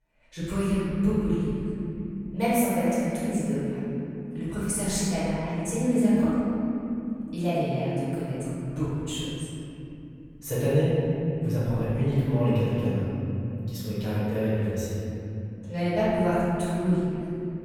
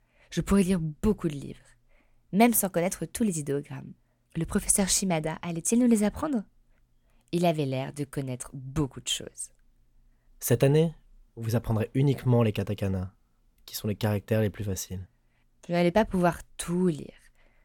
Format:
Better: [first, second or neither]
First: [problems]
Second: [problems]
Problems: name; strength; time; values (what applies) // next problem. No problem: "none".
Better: second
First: off-mic speech; far // room echo; strong; dies away in 3 s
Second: none